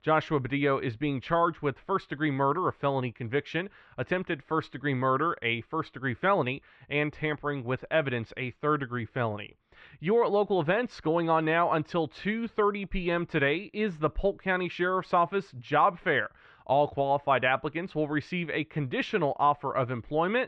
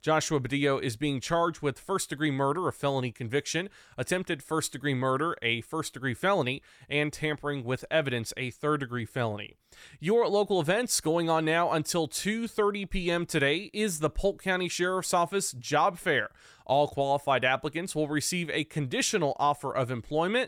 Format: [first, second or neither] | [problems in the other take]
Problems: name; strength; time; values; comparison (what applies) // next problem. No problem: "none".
second | muffled; very; fading above 3 kHz